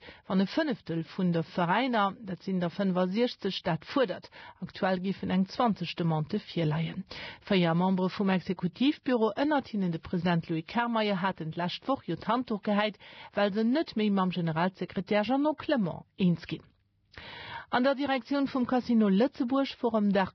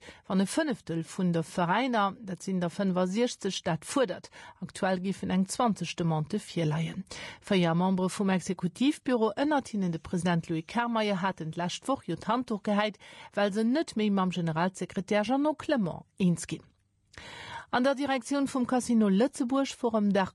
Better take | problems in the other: second | garbled, watery; badly; nothing above 5.5 kHz; slightly in the second

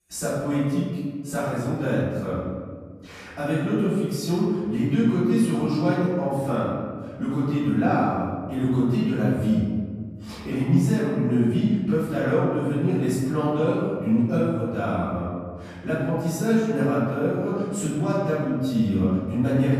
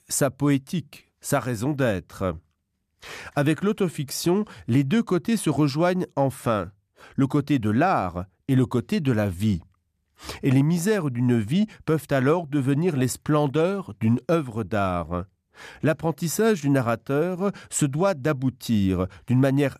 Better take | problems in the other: second | off-mic speech; far // room echo; strong; dies away in 1.7 s

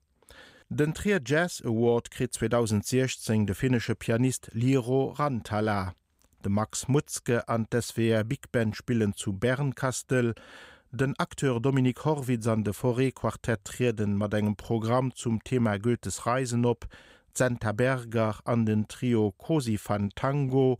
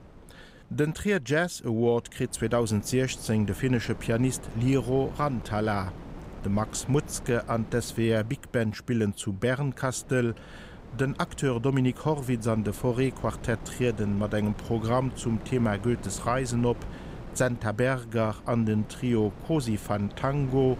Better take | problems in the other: first | wind noise on the microphone; occasional gusts; 15 dB below the speech

